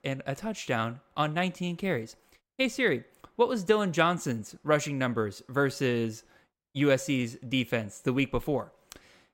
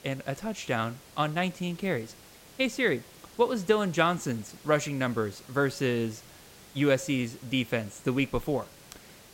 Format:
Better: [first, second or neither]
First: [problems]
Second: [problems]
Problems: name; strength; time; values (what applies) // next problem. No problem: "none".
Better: first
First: none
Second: hiss; faint; throughout; 20 dB below the speech